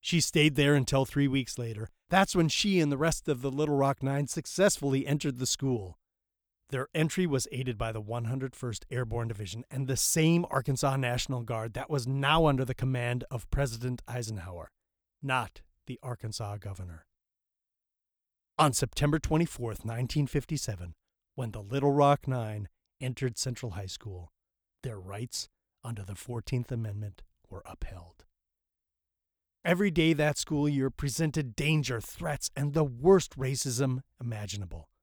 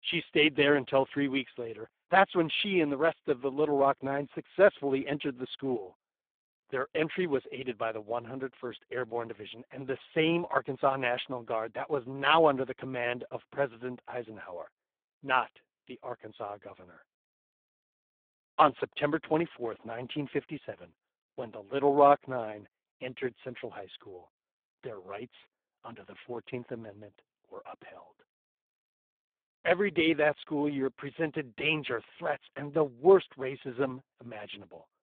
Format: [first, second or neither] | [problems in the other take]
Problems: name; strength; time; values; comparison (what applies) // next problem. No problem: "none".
first | phone-call audio; poor line